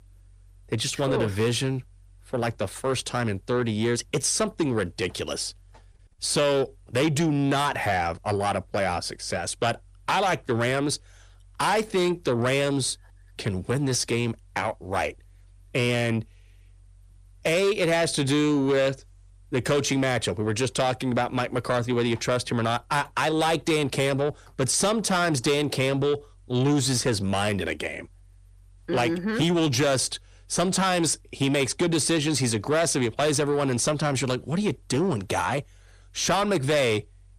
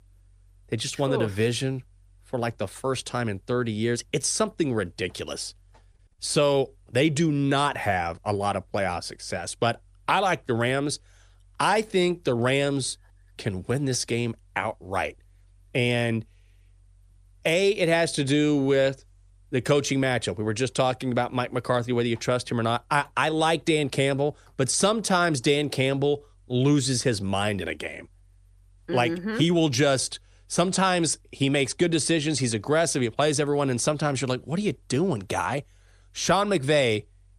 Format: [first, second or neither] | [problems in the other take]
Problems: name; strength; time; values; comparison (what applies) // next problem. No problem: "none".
second | distortion; slight; 10 dB below the speech